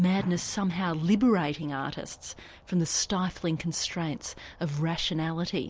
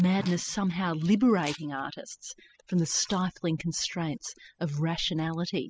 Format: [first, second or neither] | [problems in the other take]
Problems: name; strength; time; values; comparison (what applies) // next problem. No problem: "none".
first | noise reduction (classical method spectral subtraction)